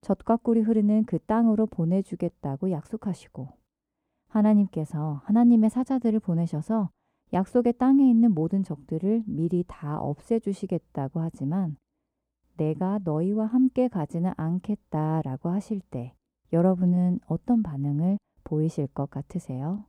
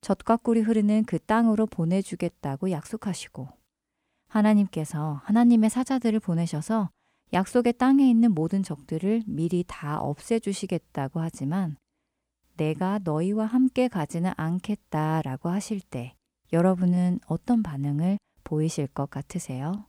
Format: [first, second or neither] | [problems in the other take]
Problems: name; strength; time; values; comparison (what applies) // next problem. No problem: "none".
second | muffled; slightly; fading above 1 kHz